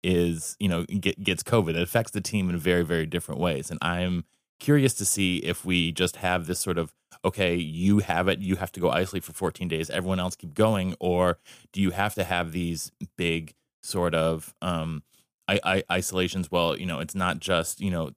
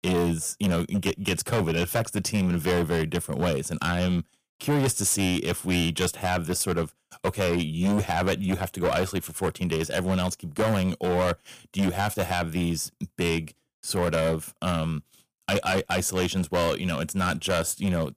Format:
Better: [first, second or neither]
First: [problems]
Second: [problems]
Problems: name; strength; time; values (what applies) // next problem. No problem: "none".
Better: first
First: none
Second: distortion; heavy; 11% of the sound clipped